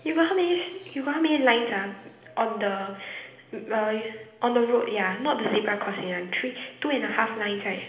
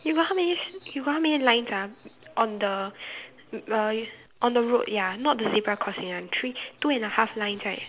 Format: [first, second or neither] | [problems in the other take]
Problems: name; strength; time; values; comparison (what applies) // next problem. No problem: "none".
second | room echo; dies away in 1 s